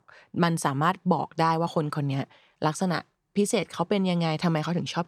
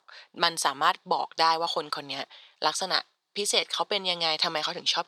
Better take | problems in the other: first | thin; very; fading below 650 Hz

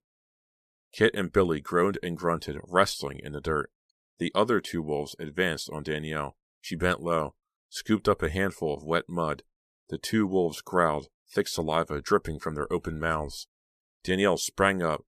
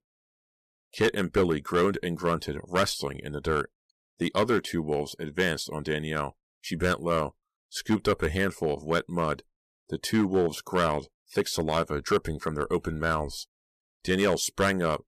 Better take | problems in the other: first | distortion; slight; 3% of the sound clipped

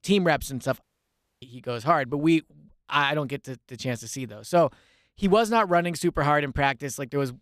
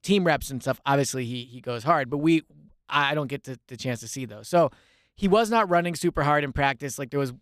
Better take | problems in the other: second | audio cutting out; at 1 s for 0.5 s

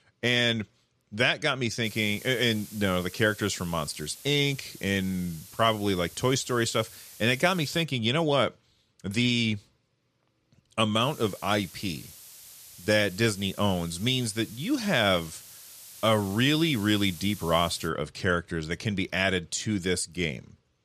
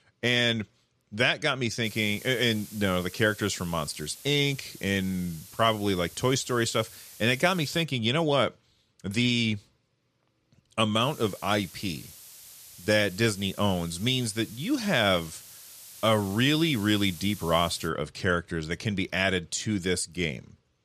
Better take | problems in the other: neither | hiss; noticeable; from 2 to 8 s and from 11 to 18 s; 20 dB below the speech; the same in both

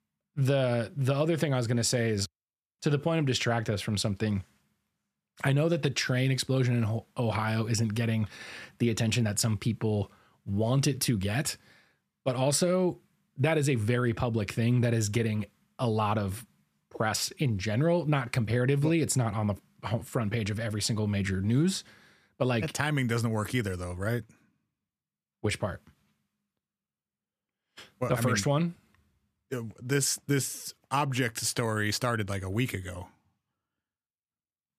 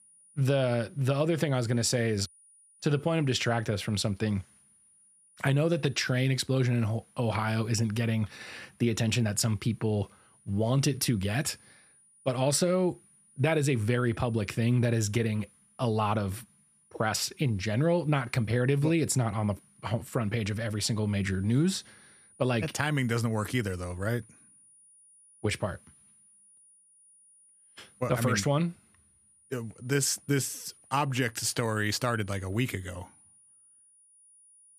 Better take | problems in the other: first | high-pitched whine; faint; throughout; 9.5 kHz, 30 dB below the speech

